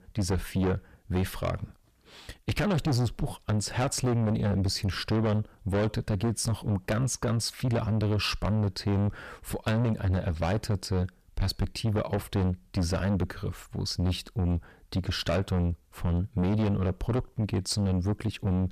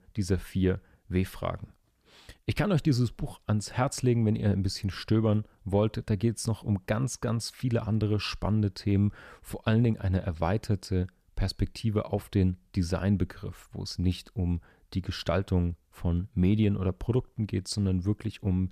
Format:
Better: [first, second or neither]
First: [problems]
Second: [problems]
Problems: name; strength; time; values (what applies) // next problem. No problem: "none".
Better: second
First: distortion; heavy; 6 dB below the speech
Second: none